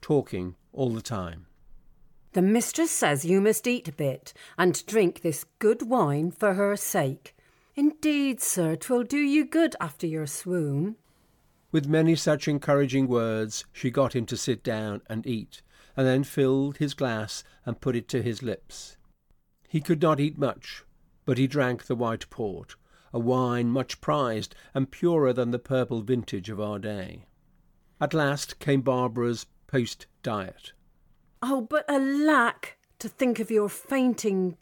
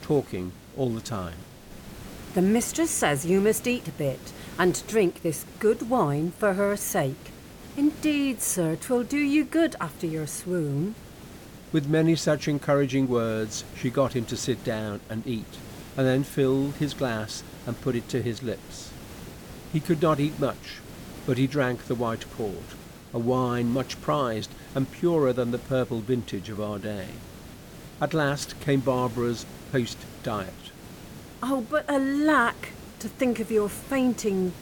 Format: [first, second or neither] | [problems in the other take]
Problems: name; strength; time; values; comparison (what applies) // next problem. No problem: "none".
first | hiss; noticeable; throughout; 15 dB below the speech